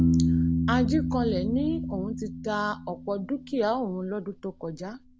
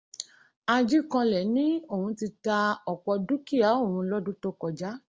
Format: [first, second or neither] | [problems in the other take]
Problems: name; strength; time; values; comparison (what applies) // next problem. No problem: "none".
second | background sound (Piano); 1 dB above the speech